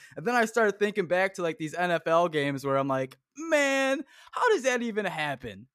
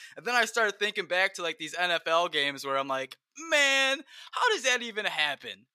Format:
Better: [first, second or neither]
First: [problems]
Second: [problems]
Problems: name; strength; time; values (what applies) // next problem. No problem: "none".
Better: first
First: none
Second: thin; somewhat; fading below 950 Hz